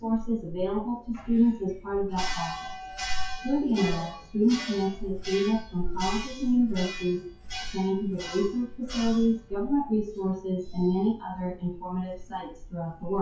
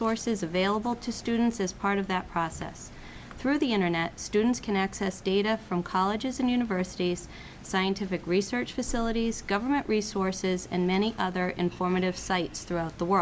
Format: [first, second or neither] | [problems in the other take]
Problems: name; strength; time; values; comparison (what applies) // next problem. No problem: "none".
second | noise reduction (classical method WPE with log-MMSE)